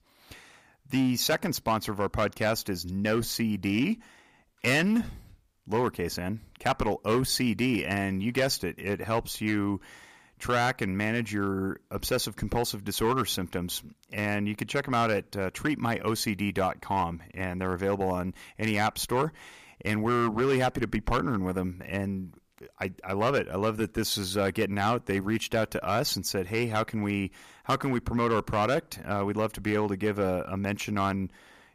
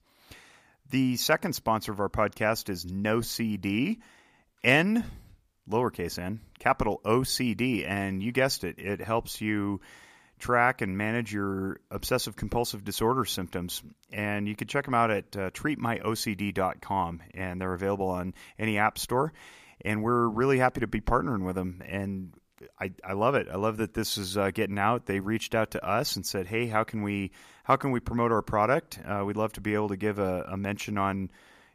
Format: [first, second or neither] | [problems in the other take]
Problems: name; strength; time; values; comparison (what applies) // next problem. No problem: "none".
second | distortion; slight; 4% of the sound clipped